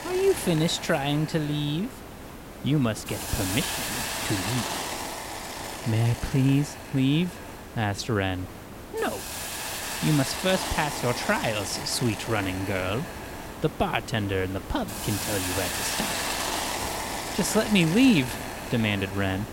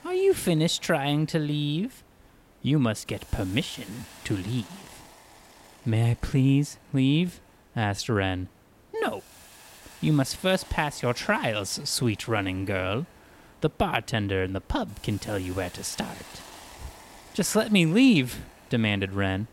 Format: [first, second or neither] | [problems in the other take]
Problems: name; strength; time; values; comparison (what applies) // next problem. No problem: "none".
second | hiss; loud; throughout; 6 dB below the speech; faint in the second